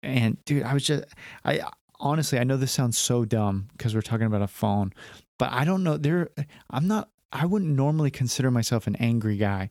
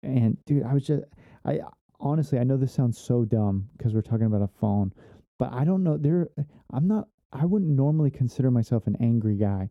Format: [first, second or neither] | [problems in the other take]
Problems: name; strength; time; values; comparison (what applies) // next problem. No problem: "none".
first | muffled; very; fading above 1 kHz